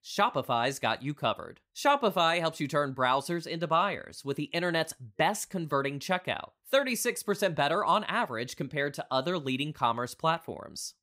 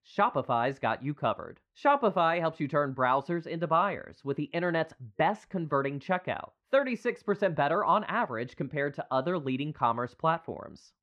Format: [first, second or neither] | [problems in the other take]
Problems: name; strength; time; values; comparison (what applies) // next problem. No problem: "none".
first | muffled; very; fading above 2 kHz